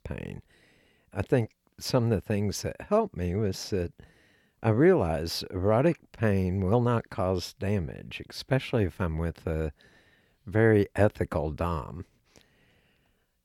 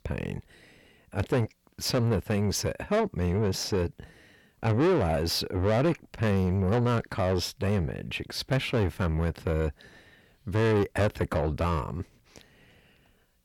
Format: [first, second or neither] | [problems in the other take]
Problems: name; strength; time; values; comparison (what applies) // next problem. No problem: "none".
first | distortion; heavy; 7 dB below the speech